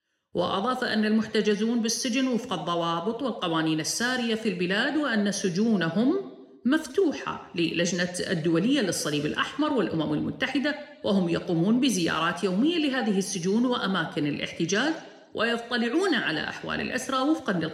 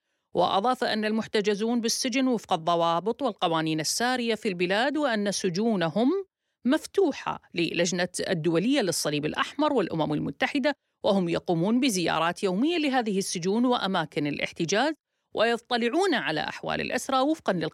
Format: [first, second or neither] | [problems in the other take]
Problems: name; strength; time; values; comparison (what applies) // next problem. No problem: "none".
second | room echo; very slight; dies away in 0.9 s